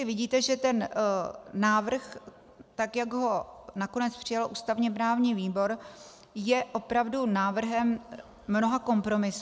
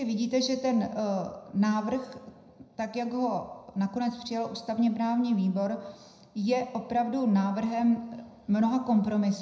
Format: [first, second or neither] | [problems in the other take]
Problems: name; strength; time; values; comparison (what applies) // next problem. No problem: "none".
first | room echo; dies away in 0.7 s